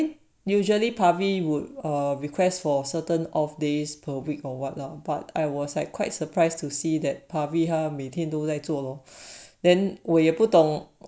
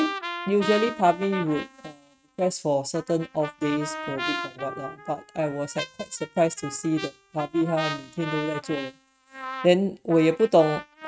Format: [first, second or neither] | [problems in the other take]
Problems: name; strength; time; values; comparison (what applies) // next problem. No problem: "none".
first | noise reduction (neural mask model RNNoise)